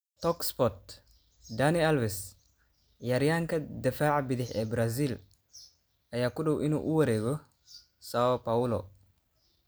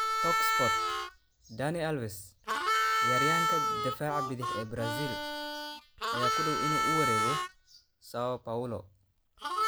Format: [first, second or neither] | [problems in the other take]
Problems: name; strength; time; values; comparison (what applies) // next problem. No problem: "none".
first | background sound (Harmonica); 5 dB above the speech